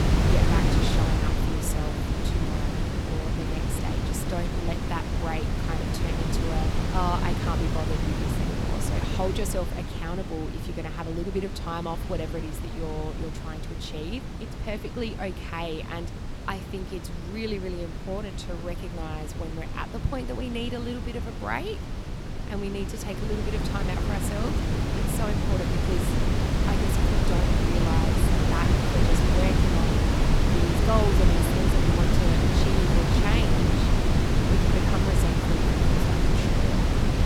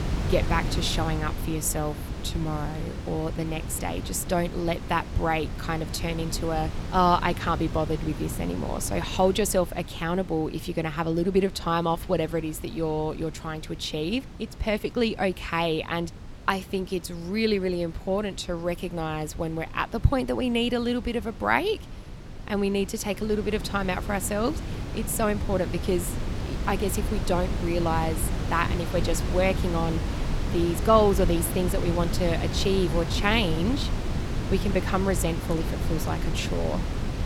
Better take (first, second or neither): second